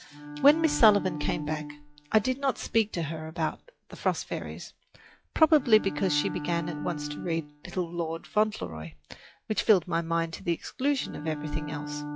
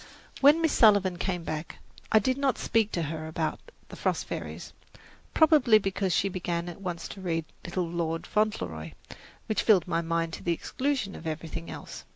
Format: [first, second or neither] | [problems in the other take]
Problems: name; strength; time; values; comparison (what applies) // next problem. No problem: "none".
second | noise reduction (classical method log-MMSE)